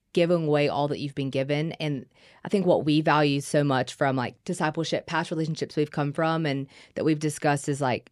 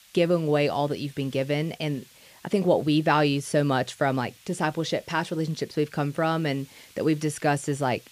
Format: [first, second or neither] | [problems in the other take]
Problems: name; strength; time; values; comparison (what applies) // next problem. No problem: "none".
first | hiss; faint; throughout; 25 dB below the speech